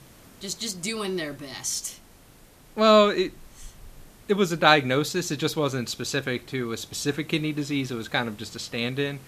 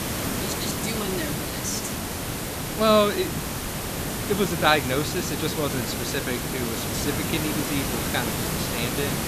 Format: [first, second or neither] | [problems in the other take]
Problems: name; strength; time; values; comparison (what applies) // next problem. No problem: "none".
first | hiss; loud; throughout; 1 dB below the speech; faint in the first